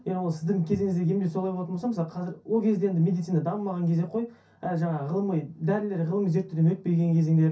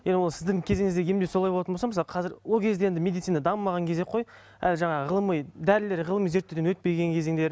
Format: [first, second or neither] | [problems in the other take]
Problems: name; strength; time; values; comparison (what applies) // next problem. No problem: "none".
second | room echo; dies away in 0.3 s